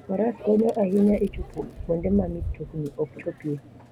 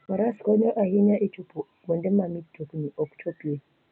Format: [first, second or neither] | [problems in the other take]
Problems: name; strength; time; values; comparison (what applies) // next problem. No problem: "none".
second | background sound (Microwave oven); 12 dB below the speech